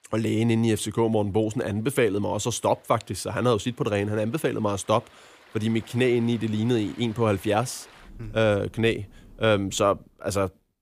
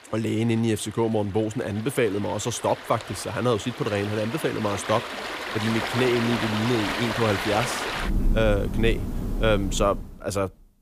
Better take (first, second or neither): first